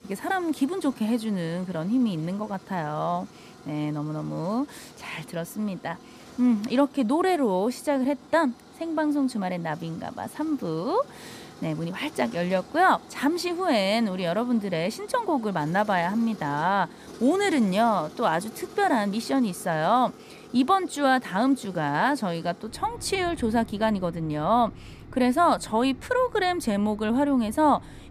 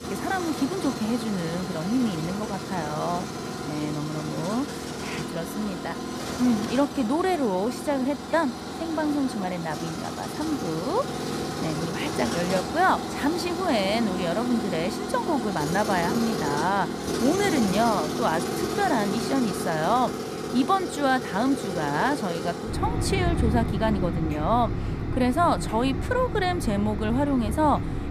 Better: first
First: machinery noise; faint; throughout; 20 dB below the speech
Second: machinery noise; loud; throughout; 4 dB below the speech

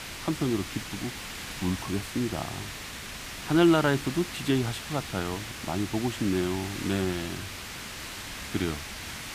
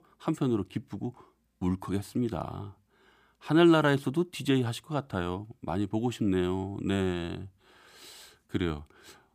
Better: second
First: hiss; loud; throughout; 8 dB below the speech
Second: none

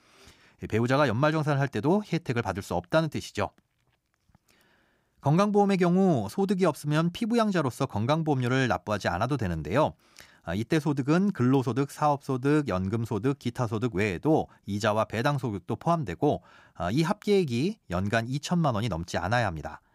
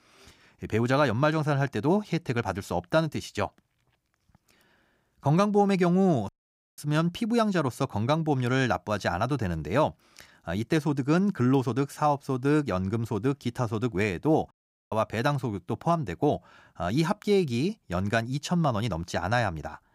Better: first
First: none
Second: audio cutting out; at 6.5 s and at 15 s

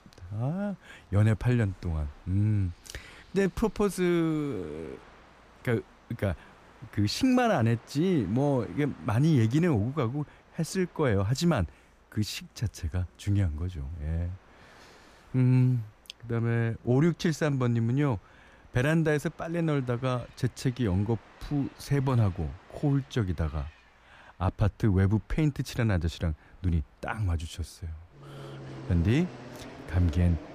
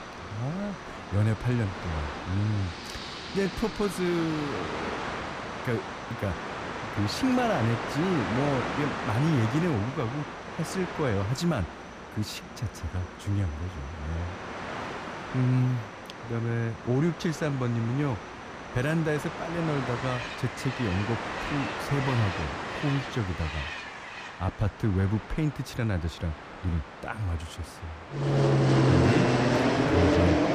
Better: first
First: train or aircraft noise; faint; throughout; 25 dB below the speech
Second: train or aircraft noise; loud; throughout; 1 dB below the speech

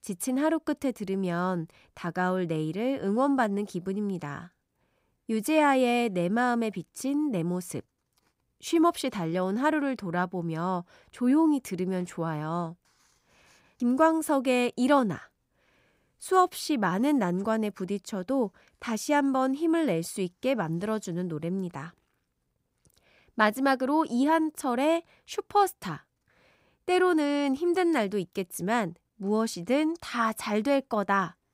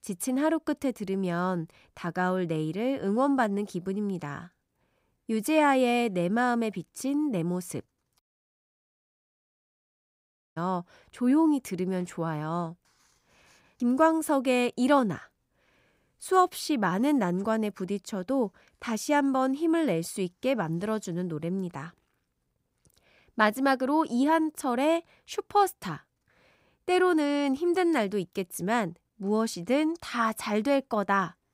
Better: first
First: none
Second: audio cutting out; at 8 s for 2.5 s

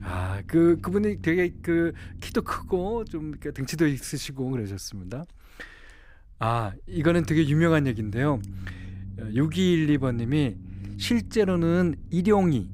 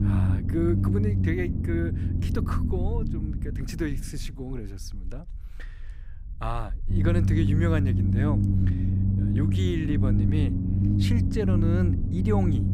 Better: first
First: low rumble; faint; throughout; 25 dB below the speech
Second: low rumble; loud; throughout; 2 dB below the speech

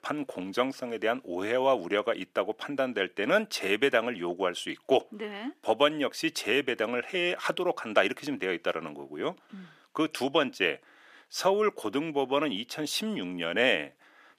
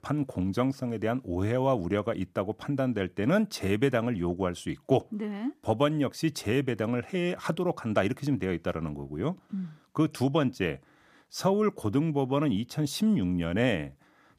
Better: second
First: thin; somewhat; fading below 450 Hz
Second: none

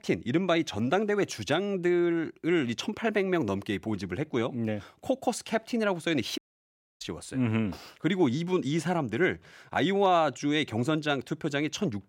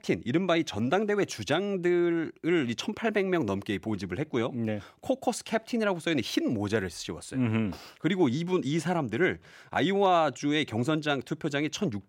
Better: second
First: audio cutting out; at 6.5 s for 0.5 s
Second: none

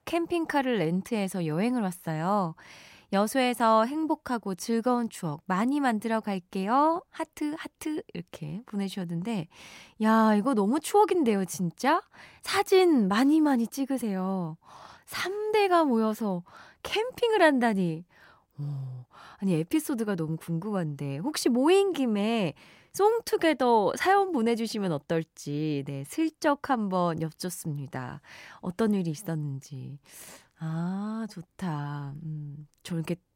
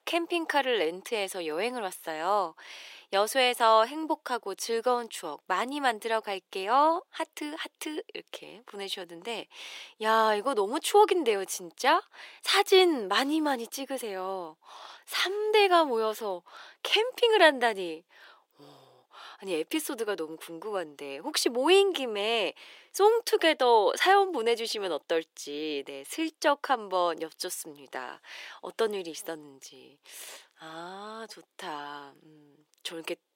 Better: first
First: none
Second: thin; very; fading below 400 Hz

